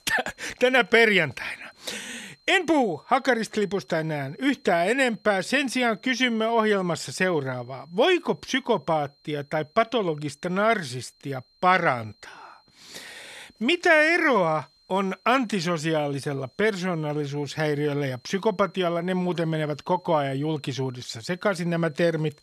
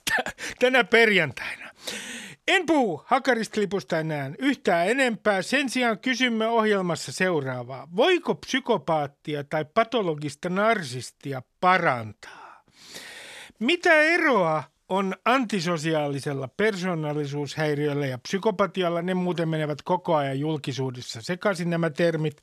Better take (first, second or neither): second